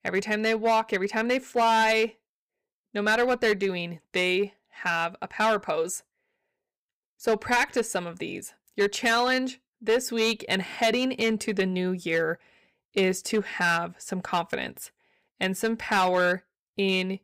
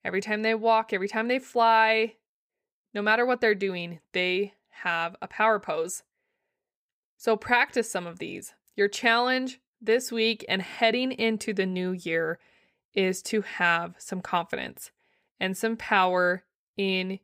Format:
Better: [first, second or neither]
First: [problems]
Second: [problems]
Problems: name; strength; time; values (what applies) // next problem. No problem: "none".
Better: second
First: distortion; slight; 5% of the sound clipped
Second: none